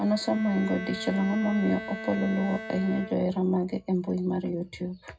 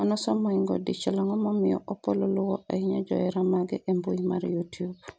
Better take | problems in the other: second | background sound (Bowed string instrument); 13 dB below the speech // room echo; dies away in 0.3 s

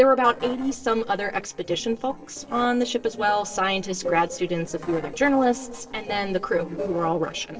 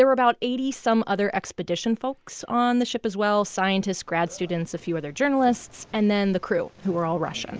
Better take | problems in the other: second | noise reduction (neural separator model SepFormer DNS4)

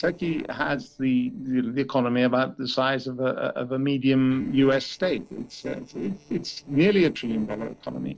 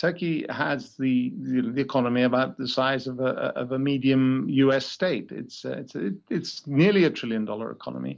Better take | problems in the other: second | noise reduction (neural separator model SepFormer DNS4)

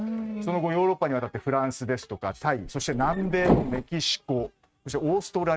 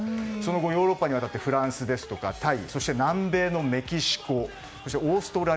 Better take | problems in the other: second | noise reduction (neural mask model RNNoise)

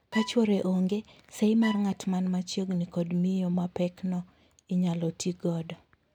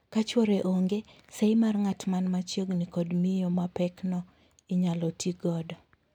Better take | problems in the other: second | background sound (Bowed string instrument); 14 dB below the speech

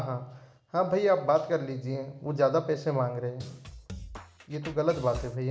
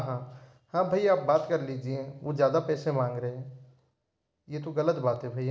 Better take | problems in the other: second | background sound (Drum kit); 13 dB below the speech

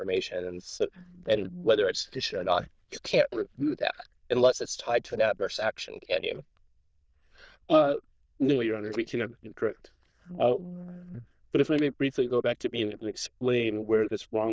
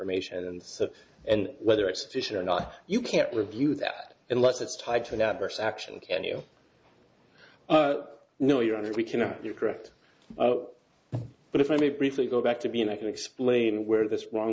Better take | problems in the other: second | noise reduction (neural diffusion model UNIVERSE++)

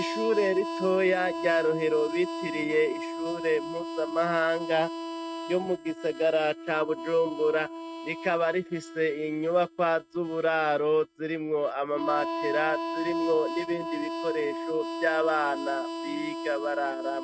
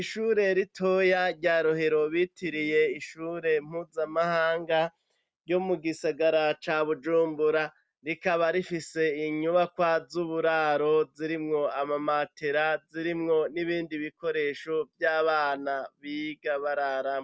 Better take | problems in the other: second | noise reduction (neural mask model RNNoise)

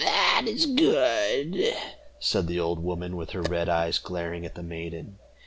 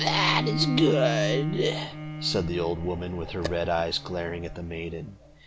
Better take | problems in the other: first | background sound (Bowed string instrument); 5 dB below the speech

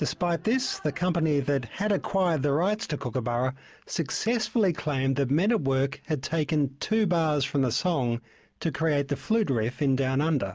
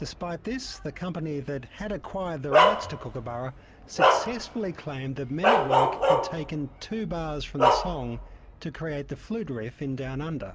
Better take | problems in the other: first | background sound (Bark); 5 dB above the speech

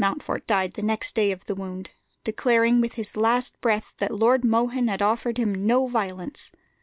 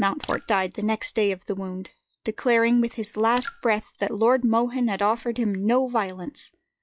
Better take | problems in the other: first | noise reduction (classical method log-MMSE)

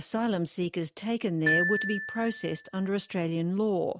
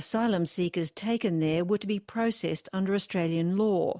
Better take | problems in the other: second | noise reduction (neural mask model RNNoise)

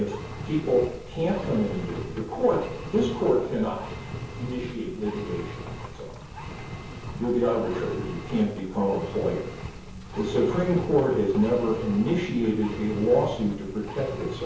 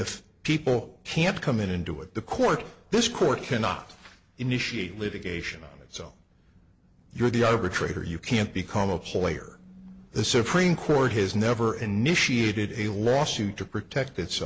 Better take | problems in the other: second | background sound (Engine); 10 dB below the speech // room echo; dies away in 0.7 s

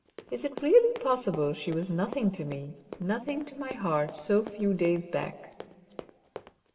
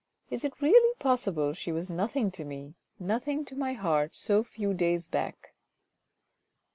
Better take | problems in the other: second | background sound (Run); 17 dB below the speech // room echo; dies away in 2.4 s

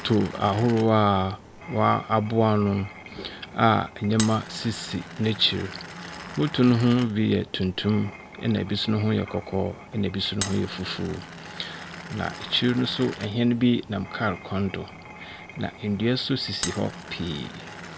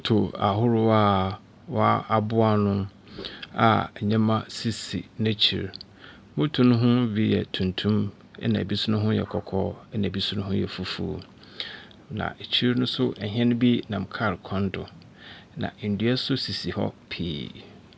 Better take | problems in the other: second | background sound (Glass); 15 dB below the speech

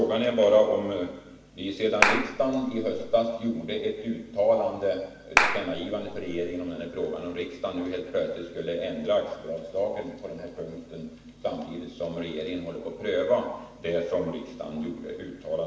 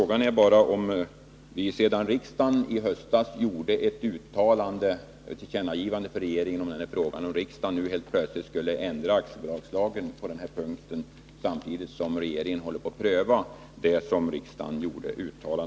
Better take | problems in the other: second | background sound (Clapping); 1 dB above the speech // room echo; dies away in 1 s

